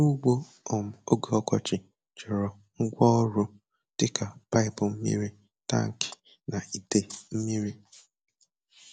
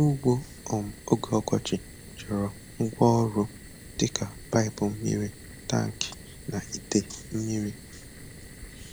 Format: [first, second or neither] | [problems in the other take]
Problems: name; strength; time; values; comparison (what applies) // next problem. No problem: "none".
first | background sound (Fire); 16 dB below the speech